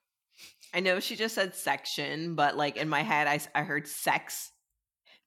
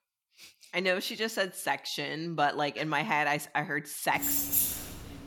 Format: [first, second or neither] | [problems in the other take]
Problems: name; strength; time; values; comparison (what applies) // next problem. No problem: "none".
first | jangling keys; loud; from 4 s on; peak 5 dB above the speech